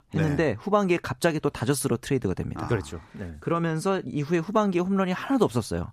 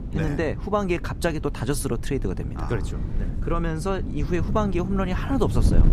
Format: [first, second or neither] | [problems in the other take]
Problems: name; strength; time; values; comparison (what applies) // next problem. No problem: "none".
first | wind noise on the microphone; occasional gusts; 15 dB below the speech